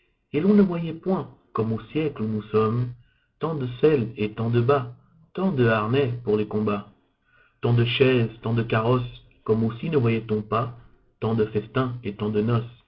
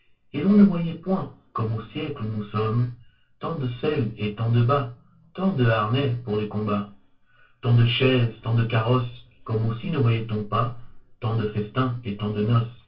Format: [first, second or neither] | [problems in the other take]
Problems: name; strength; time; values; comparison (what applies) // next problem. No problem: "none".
first | room echo; dies away in 0.2 s